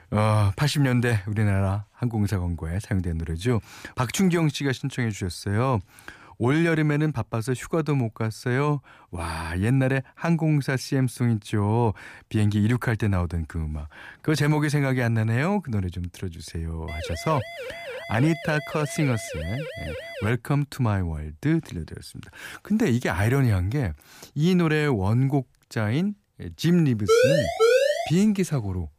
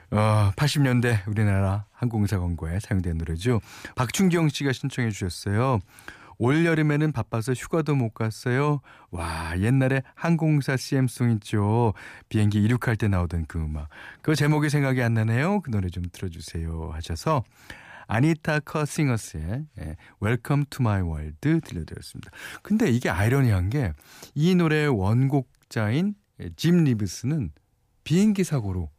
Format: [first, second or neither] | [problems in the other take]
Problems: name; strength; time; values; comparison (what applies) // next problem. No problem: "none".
second | siren; noticeable; from 17 to 20 s; peak 10 dB below the speech // siren; loud; from 27 to 28 s; peak 6 dB above the speech